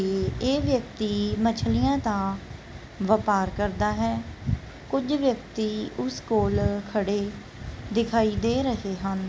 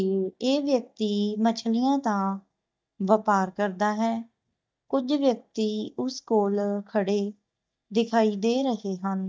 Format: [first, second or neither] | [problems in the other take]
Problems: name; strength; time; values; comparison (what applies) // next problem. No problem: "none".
first | noise reduction (neural mask model DeepFilterNet 3)